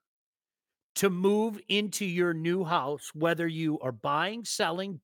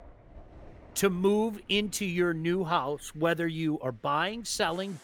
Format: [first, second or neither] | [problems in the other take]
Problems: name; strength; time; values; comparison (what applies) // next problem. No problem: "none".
first | rain or running water; faint; throughout; 25 dB below the speech